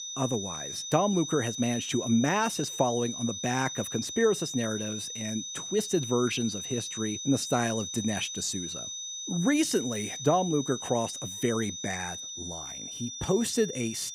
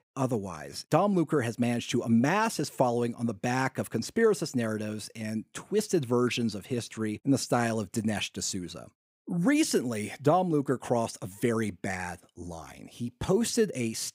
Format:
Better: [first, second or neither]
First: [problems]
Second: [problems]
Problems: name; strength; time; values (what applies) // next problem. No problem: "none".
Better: second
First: high-pitched whine; loud; throughout; 6 kHz, 6 dB below the speech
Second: none